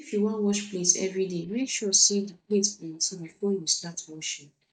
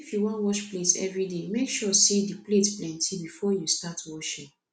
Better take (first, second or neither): second